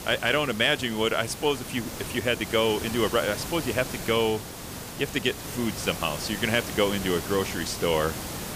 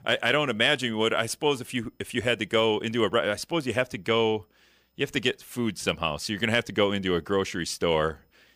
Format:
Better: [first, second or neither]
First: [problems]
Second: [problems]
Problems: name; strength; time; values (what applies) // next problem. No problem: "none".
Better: second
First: hiss; loud; throughout; 8 dB below the speech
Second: none